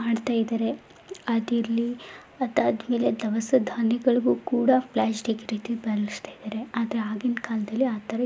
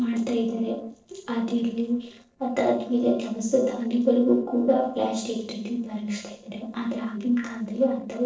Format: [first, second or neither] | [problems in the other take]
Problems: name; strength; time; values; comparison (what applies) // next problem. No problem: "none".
first | noise reduction (neural separator model SepFormer DNS4)